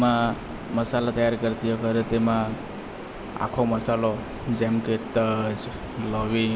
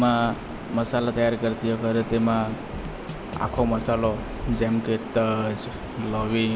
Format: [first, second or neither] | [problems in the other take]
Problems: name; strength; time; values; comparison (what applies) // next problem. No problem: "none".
first | background sound (Drum kit); 10 dB below the speech